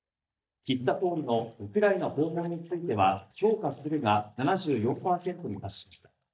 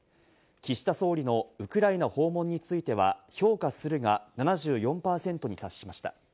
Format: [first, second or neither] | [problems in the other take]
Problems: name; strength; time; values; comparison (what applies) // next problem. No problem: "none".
second | noise reduction (neural mask model DeepFilterNet 3)